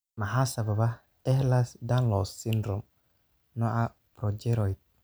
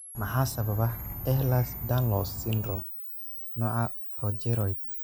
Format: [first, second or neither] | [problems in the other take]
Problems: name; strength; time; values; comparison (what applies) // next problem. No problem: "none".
first | background sound (Insect + Camera); 7 dB below the speech